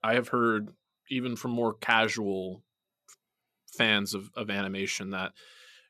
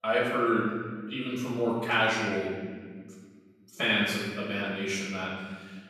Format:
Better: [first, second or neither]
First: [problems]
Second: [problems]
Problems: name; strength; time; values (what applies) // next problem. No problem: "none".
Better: first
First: none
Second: off-mic speech; far // room echo; noticeable; dies away in 1.5 s